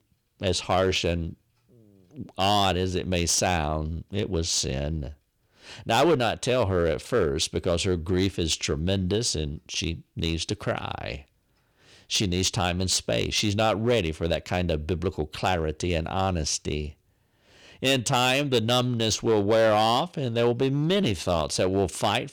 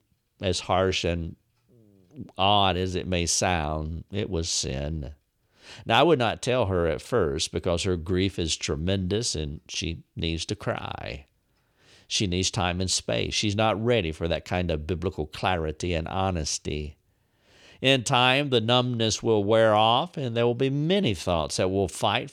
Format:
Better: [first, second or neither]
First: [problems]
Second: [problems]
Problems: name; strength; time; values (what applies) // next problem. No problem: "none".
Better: second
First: distortion; slight; 4% of the sound clipped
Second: none